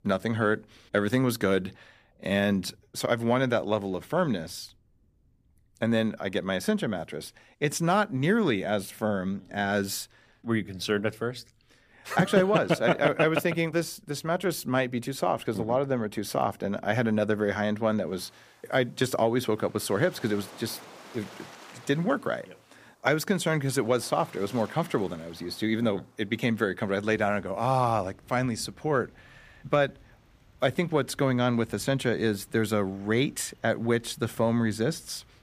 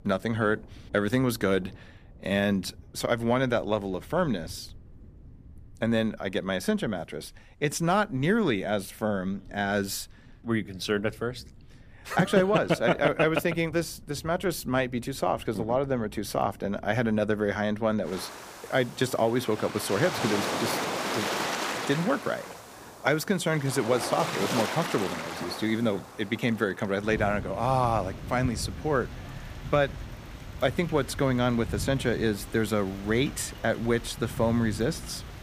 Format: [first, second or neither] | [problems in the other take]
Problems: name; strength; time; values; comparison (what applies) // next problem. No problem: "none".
first | rain or running water; loud; throughout; 8 dB below the speech; faint in the first